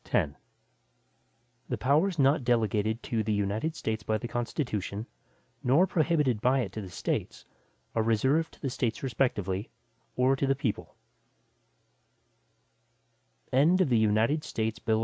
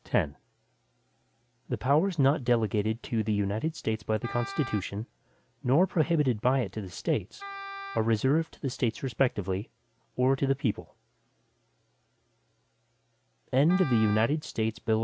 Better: first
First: none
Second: background sound (Wind instrument, woodwind instrument); 13 dB below the speech

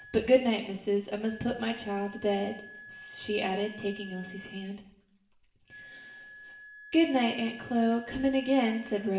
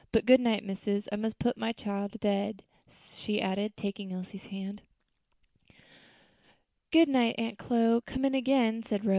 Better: second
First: background sound (Wind instrument, woodwind instrument); 19 dB below the speech // room echo; dies away in 0.7 s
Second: none

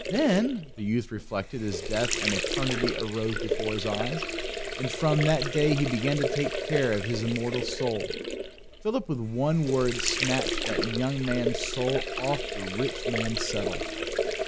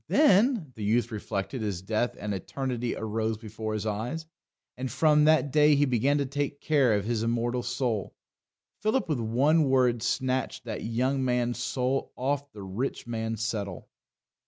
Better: second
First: background sound (Sink (filling or washing) / Water); 2 dB below the speech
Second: none

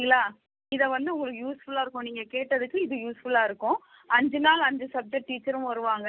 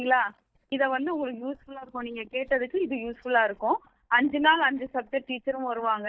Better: first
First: none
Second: noise reduction (neural mask model DeepFilterNet 3)

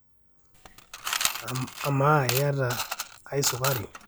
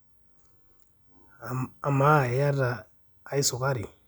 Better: second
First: background sound (Coin (dropping) / Mechanisms); 5 dB below the speech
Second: none

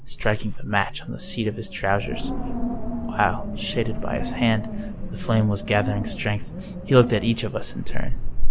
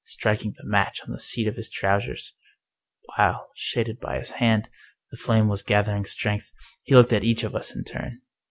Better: second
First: background sound (Wind); 1 dB above the speech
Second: none

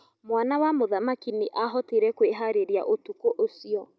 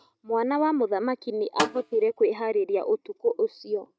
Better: first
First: none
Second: noise reduction (neural mask model RNNoise)

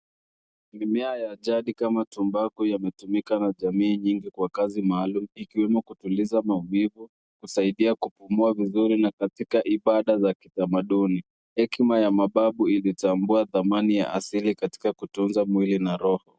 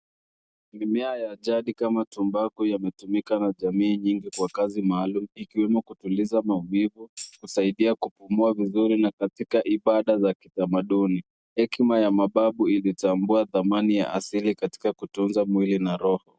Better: first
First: none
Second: background sound (Tambourine); 19 dB below the speech

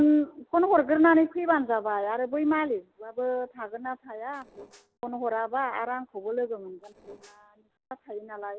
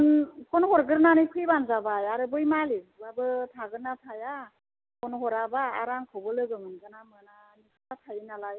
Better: second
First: noise reduction (neural separator model SepFormer DNS4)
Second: none

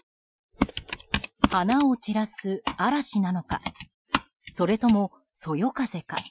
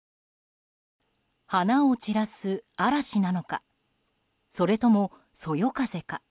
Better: second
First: noise reduction (classical method Wiener filter)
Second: none

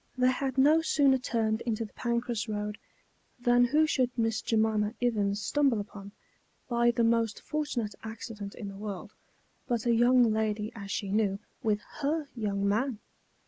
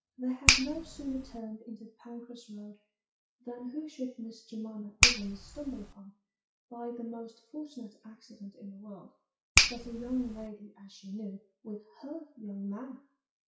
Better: first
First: none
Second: noise reduction (classical method WPE with log-MMSE)

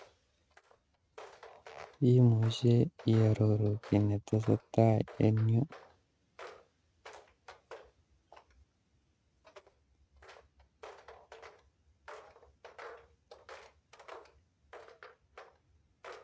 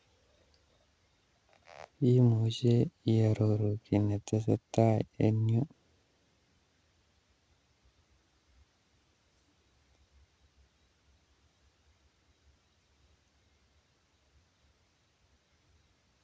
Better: second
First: noise reduction (neural mask model RNNoise)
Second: none

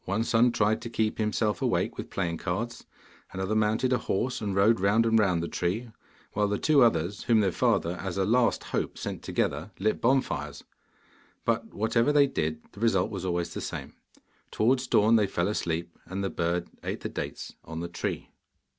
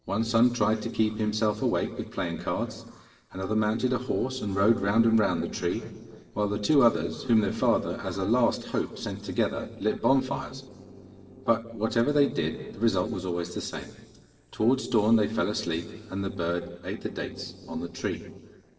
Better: first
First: none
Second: noise reduction (neural separator model SepFormer DNS4)

